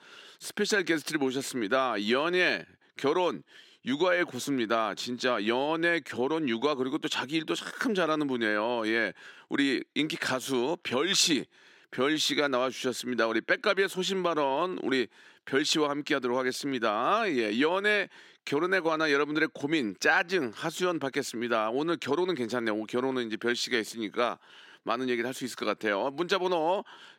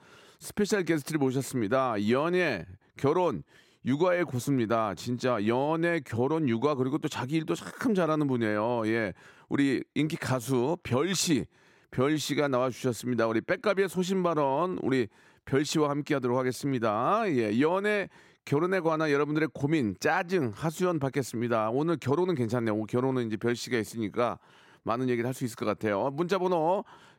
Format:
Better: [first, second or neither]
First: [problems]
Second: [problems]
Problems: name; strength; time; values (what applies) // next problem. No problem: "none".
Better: second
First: thin; very slightly; fading below 250 Hz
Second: none